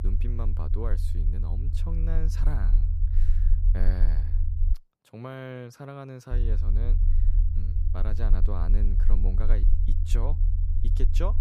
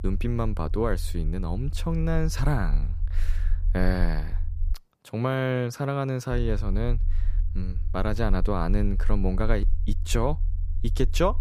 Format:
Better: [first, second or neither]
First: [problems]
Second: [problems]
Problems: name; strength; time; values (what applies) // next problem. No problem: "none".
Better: second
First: low rumble; loud; until 4.5 s and from 6.5 s on; 6 dB below the speech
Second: low rumble; faint; until 4.5 s and from 6.5 s on; 20 dB below the speech